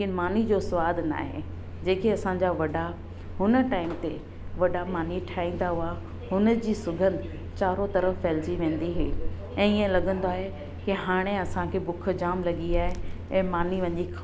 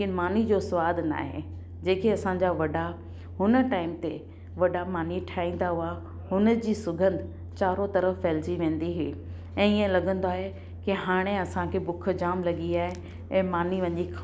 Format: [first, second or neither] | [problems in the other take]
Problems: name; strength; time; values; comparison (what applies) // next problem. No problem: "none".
second | background sound (Subway, metro, underground); 8 dB below the speech